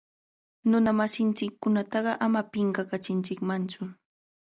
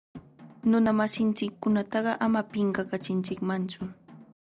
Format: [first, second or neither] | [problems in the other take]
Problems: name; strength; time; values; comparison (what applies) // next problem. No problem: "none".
first | background sound (Drum); 20 dB below the speech